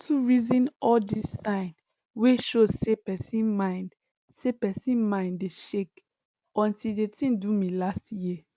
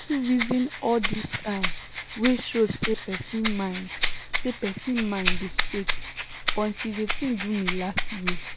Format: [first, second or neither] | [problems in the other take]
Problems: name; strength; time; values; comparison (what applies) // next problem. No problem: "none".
first | background sound (Rattle (instrument)); 1 dB below the speech